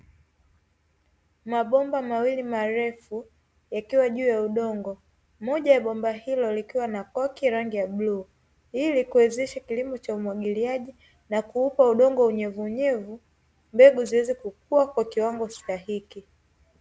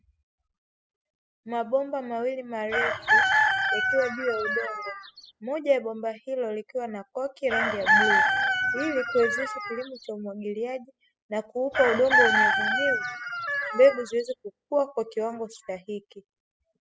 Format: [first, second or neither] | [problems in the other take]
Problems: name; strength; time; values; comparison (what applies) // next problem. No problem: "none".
first | noise reduction (classical method spectral subtraction)